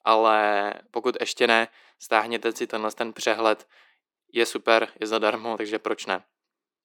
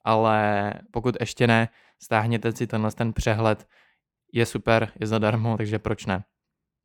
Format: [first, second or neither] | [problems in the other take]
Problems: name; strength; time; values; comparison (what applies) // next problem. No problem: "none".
second | thin; very; fading below 350 Hz